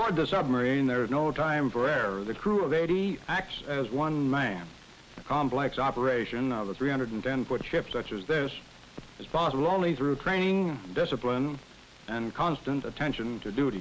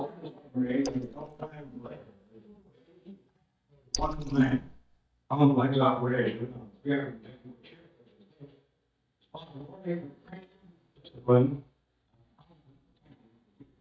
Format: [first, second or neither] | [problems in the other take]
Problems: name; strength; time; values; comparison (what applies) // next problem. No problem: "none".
first | noise reduction (neural mask model DeepFilterNet 3)